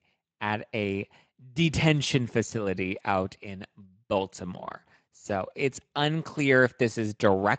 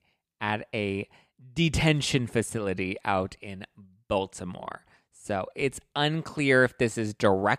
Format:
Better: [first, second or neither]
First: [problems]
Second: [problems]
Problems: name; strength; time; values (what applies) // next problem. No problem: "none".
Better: second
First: garbled, watery; slightly; nothing above 7.5 kHz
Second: none